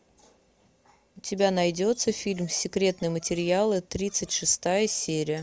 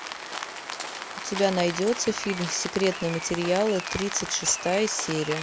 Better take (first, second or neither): first